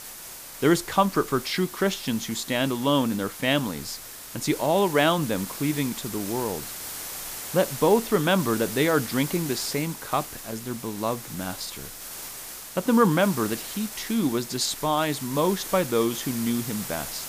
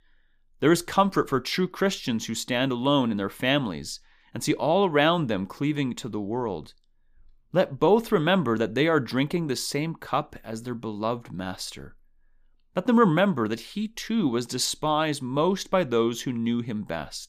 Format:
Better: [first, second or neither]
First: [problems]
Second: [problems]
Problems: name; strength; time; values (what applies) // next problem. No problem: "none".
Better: second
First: hiss; loud; throughout; 10 dB below the speech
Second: none